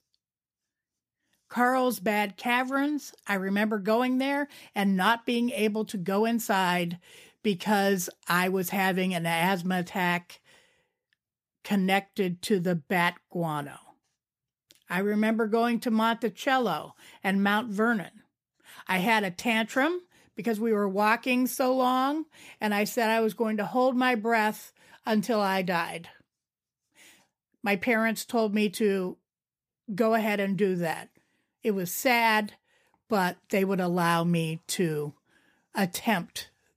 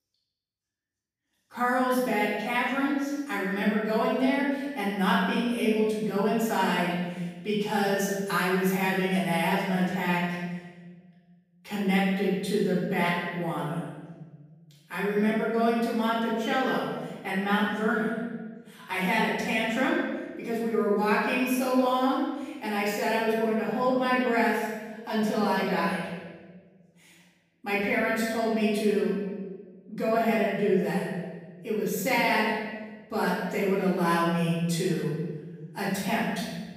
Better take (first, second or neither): first